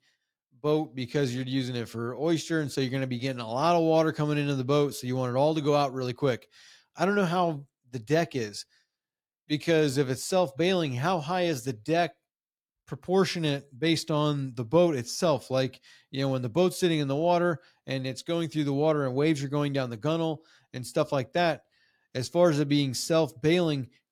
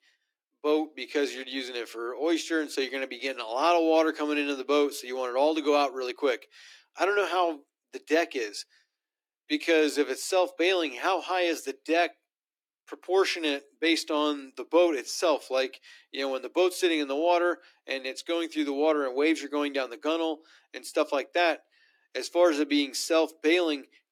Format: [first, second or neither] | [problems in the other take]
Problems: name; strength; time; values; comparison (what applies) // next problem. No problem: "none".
first | thin; very slightly; fading below 300 Hz